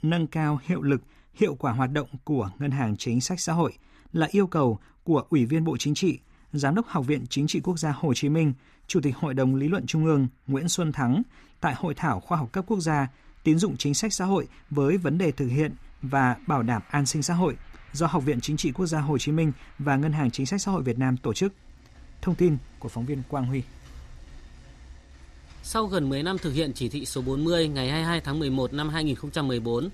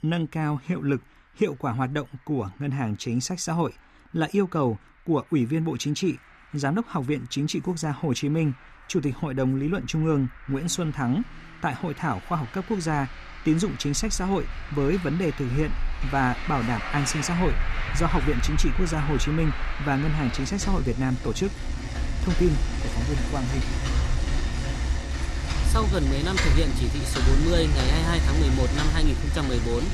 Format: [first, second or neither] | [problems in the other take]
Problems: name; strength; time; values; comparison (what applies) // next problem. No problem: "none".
first | traffic noise; loud; throughout; 2 dB below the speech; faint in the first